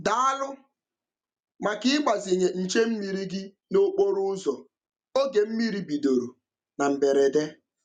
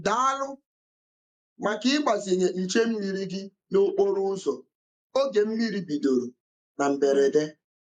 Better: first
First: none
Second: noise reduction (neural mask model Resemble Enhance denoiser)

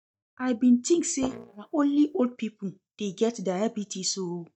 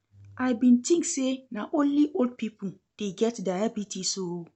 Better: second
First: noise reduction (neural mask model DeepFilterNet 3)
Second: none

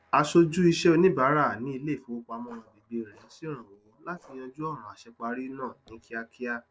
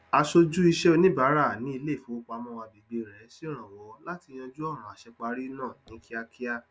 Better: second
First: noise reduction (neural separator model SepFormer DNS4)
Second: none

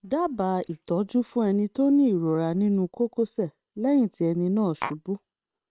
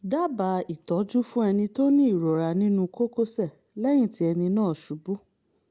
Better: second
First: noise reduction (neural separator model SepFormer WHAM!)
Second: none

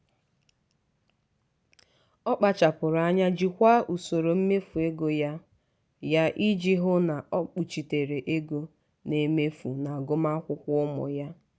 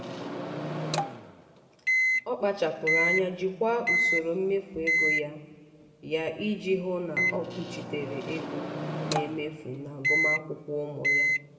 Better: first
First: none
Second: background sound (Microwave oven); 2 dB above the speech // room echo; dies away in 1.6 s

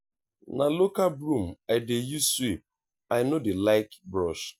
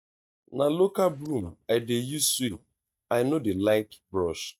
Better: first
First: none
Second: noise reduction (neural mask model DeepFilterNet 3)

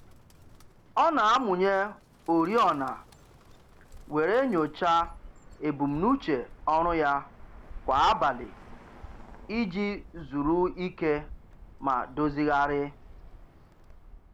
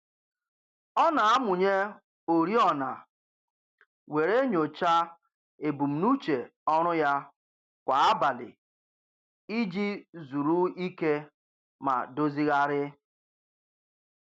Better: second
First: background sound (Bird); 18 dB below the speech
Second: none

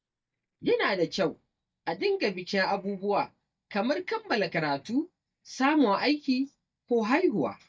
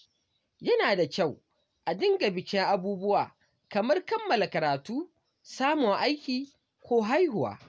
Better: second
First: noise reduction (neural mask model DeepFilterNet 3)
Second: none

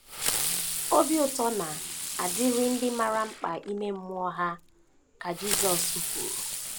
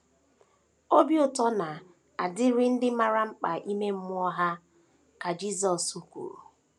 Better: second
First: background sound (Fireworks); 3 dB below the speech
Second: none

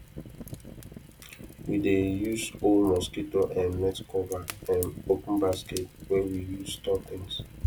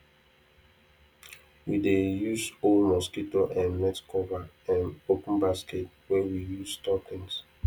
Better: second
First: background sound (Fire); 14 dB below the speech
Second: none

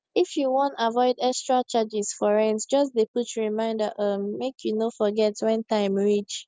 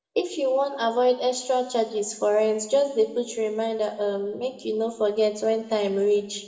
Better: first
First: none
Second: room echo; dies away in 1 s

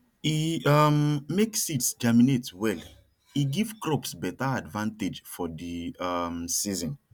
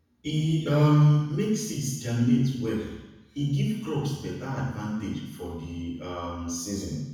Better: first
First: none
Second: room echo; dies away in 1.1 s

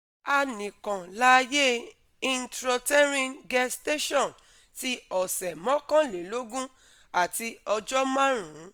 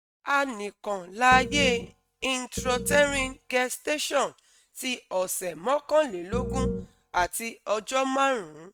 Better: first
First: none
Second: noise reduction (neural mask model RNNoise)

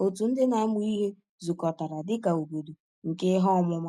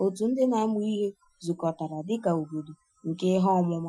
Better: first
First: none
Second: noise reduction (classical method Wiener filter)

